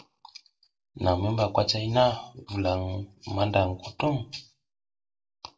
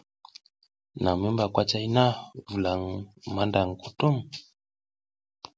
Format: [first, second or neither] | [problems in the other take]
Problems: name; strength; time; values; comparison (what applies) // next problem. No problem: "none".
second | room echo; dies away in 0.2 s